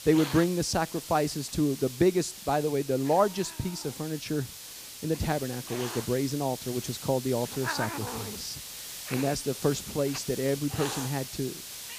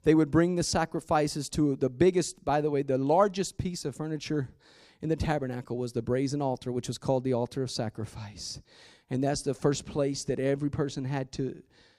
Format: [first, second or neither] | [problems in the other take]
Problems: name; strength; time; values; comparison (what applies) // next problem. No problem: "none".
second | hiss; loud; throughout; 8 dB below the speech